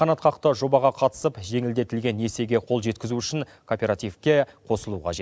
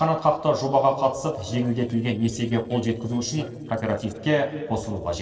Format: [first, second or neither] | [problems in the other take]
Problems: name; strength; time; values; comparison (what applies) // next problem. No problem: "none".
first | noise reduction (neural separator model SepFormer DNS4)